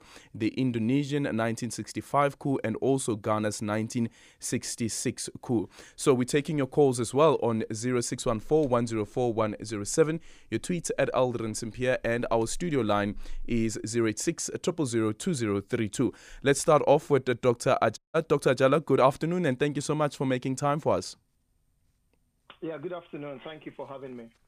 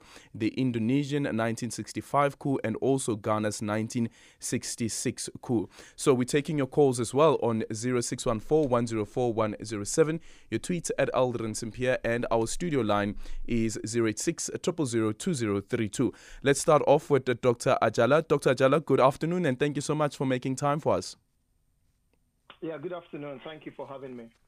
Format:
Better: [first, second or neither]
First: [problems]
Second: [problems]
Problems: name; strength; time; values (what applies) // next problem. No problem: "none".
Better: second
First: audio cutting out; at 18 s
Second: none